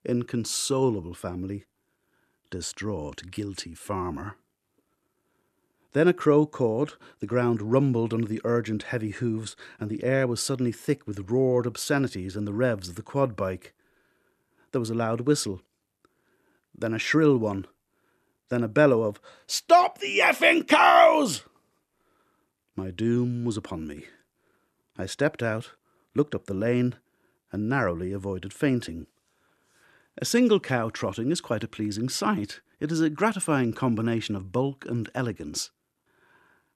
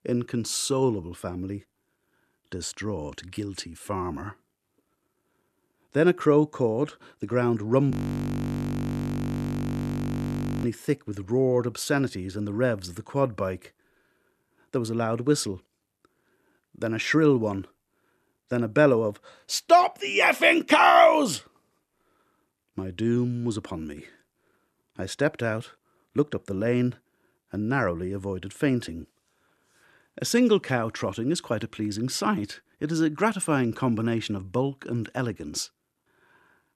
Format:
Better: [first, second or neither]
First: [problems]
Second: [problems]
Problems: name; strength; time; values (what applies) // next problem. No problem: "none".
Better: first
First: none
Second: audio freezing; at 8 s for 2.5 s